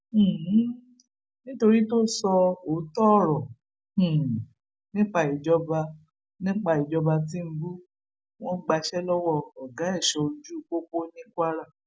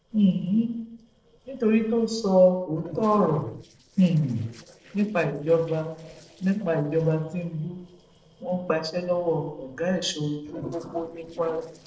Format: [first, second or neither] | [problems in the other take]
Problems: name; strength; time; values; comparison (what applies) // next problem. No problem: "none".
first | noise reduction (neural separator model SepFormer DNS4)